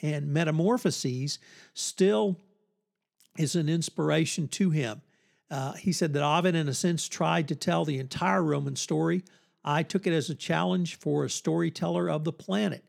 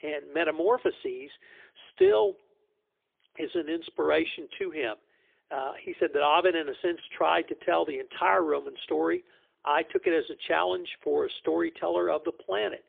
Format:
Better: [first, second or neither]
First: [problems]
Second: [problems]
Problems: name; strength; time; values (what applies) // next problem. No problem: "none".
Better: first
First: none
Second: phone-call audio; poor line; nothing above 3.5 kHz